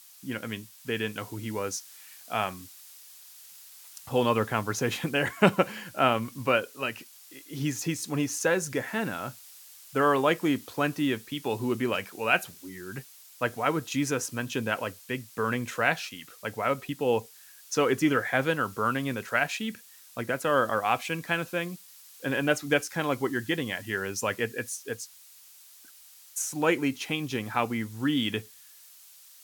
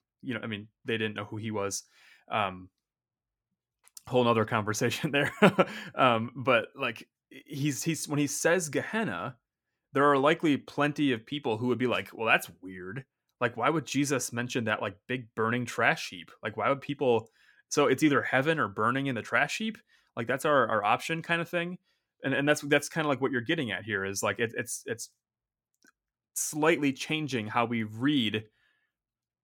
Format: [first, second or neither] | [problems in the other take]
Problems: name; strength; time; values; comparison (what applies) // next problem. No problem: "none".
second | hiss; noticeable; throughout; 20 dB below the speech